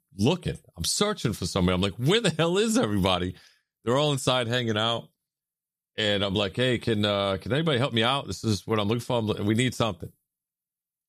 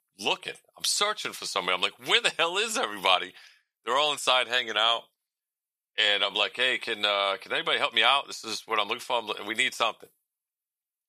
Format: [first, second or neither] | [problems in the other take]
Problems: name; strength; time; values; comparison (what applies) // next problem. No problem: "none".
first | thin; very; fading below 600 Hz